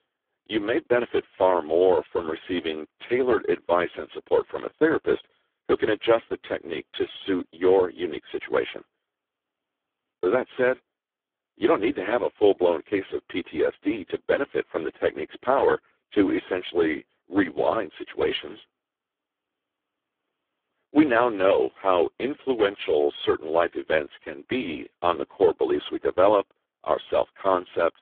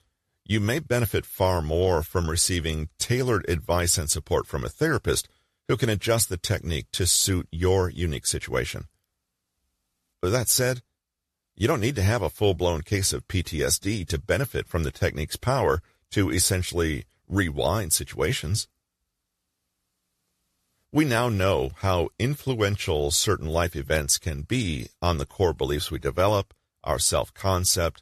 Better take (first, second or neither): second